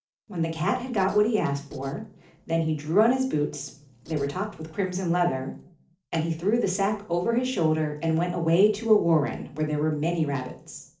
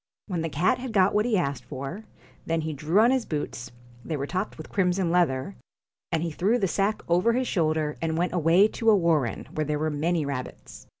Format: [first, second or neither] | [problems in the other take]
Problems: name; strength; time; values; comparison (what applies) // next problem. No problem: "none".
second | noise reduction (neural separator model SepFormer DNS4)